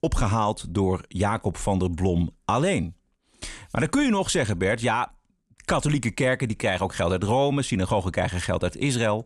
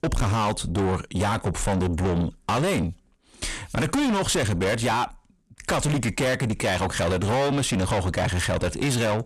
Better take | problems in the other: first | distortion; heavy; 7 dB below the speech

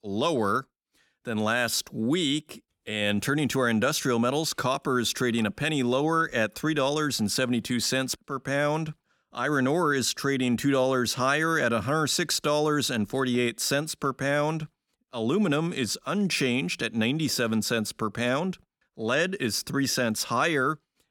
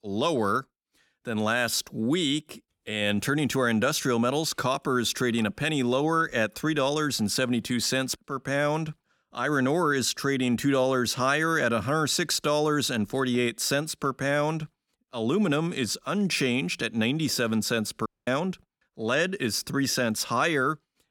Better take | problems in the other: first | audio cutting out; at 18 s

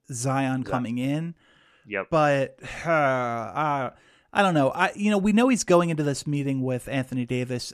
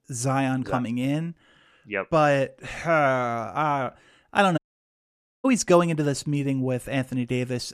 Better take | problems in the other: first | audio cutting out; at 4.5 s for 1 s

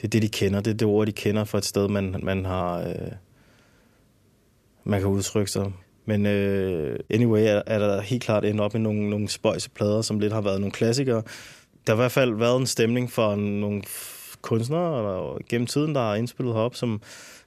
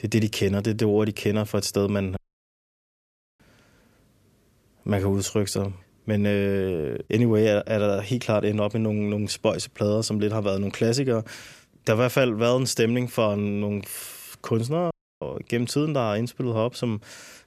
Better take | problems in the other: first | audio cutting out; at 2 s for 1 s and at 15 s

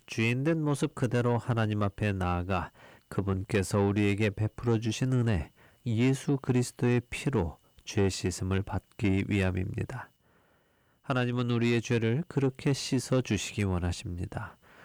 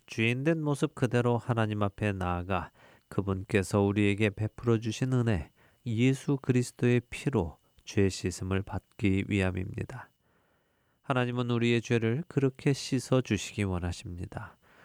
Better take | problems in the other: second | distortion; slight; 10 dB below the speech

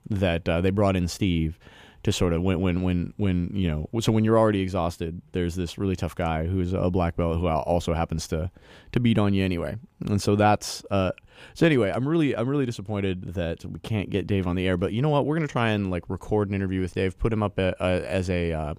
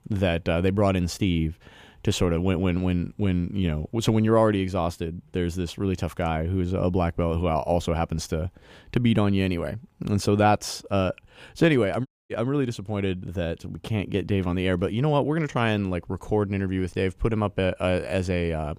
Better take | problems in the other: first | audio cutting out; at 12 s

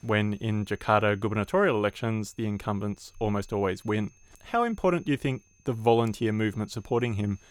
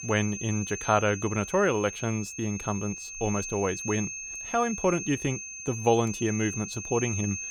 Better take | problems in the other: first | high-pitched whine; loud; throughout; 6.5 kHz, 7 dB below the speech; faint in the first

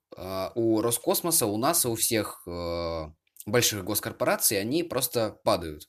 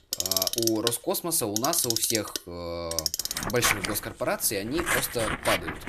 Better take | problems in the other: first | household noises; very loud; throughout; as loud as the speech

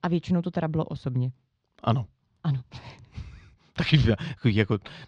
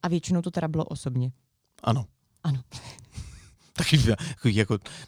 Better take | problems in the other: second | muffled; very slightly; fading above 3.5 kHz

